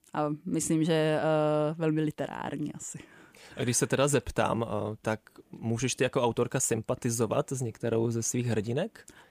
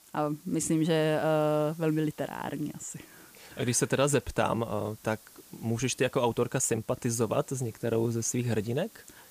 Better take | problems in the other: first | hiss; faint; throughout; 25 dB below the speech

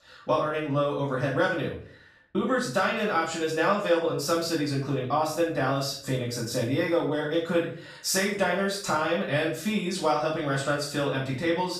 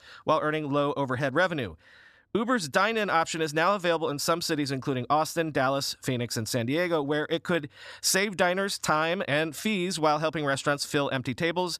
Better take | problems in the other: second | off-mic speech; far // room echo; noticeable; dies away in 0.4 s

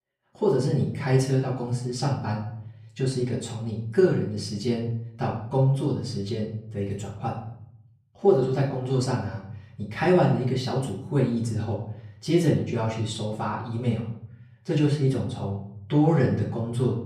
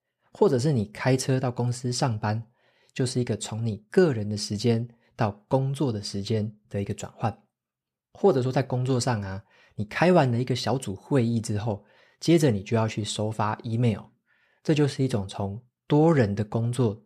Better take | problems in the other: second | off-mic speech; far // room echo; slight; dies away in 0.7 s

